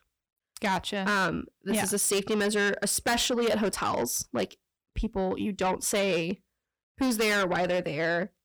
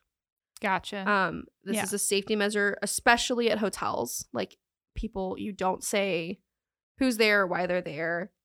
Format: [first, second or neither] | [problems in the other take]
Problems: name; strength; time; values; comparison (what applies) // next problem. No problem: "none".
second | distortion; heavy; 6 dB below the speech